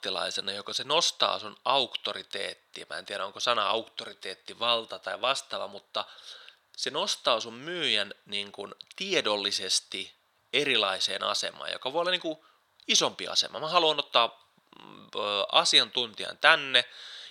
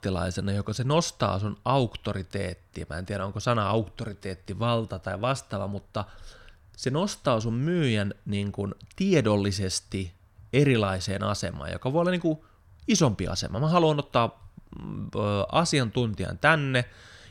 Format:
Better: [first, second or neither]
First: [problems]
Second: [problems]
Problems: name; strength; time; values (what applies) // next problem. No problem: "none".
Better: second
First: thin; very; fading below 550 Hz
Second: none